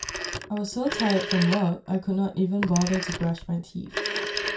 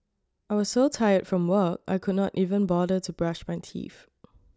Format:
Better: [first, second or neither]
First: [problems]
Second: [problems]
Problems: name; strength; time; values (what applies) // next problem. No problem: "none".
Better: second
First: background sound (Telephone); 6 dB below the speech // room echo; dies away in 0.2 s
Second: none